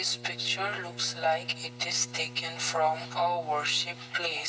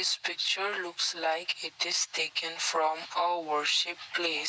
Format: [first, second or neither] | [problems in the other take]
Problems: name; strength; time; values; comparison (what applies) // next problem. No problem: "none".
second | background sound (Bowed string instrument); 15 dB below the speech // room echo; dies away in 0.5 s